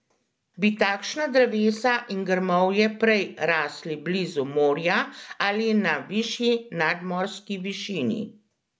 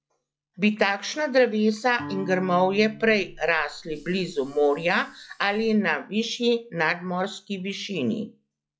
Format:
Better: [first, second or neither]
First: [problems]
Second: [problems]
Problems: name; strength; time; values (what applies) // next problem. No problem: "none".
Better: first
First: none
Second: noise reduction (classical method log-MMSE)